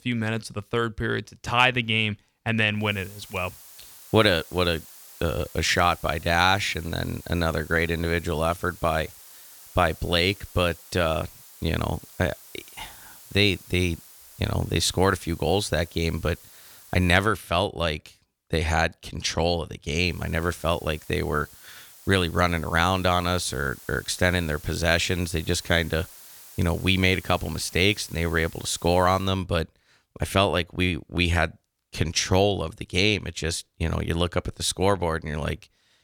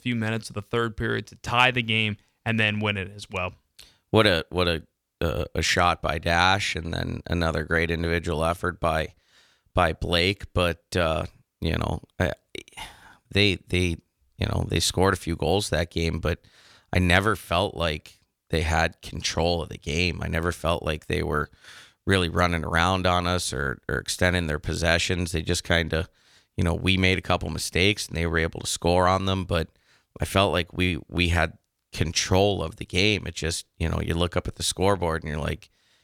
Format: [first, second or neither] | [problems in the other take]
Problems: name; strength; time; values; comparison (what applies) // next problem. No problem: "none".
second | hiss; noticeable; from 3 to 17 s and from 20 to 29 s; 20 dB below the speech